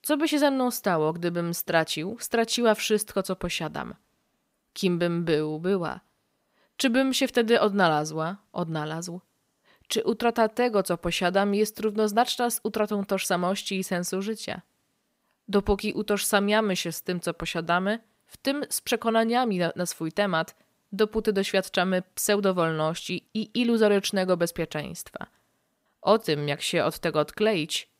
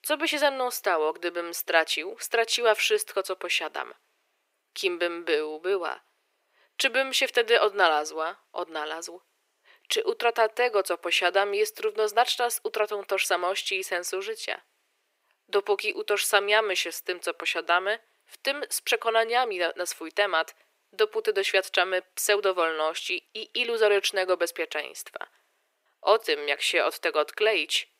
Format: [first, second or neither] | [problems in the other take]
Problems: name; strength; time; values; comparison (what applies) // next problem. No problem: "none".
first | thin; very; fading below 350 Hz